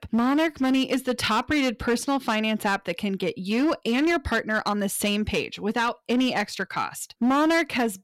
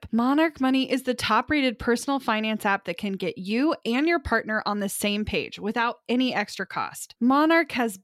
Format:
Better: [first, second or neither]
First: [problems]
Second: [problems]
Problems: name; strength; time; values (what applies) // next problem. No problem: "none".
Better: second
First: distortion; slight; 11% of the sound clipped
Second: none